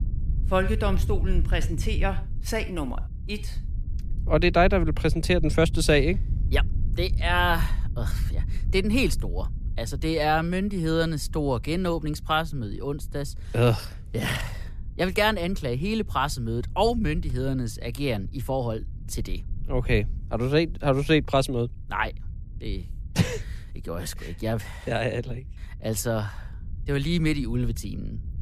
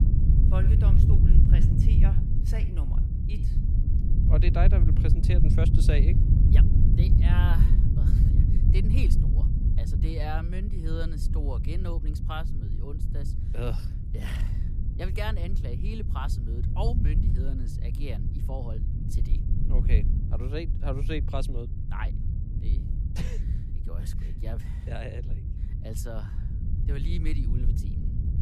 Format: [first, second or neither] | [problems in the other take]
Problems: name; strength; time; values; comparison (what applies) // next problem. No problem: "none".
first | low rumble; loud; throughout; 2 dB below the speech; faint in the first